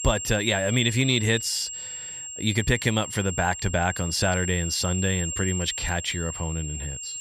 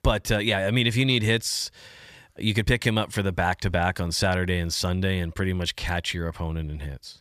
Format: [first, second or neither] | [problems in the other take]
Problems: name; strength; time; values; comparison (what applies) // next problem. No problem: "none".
second | high-pitched whine; loud; throughout; 7.5 kHz, 6 dB below the speech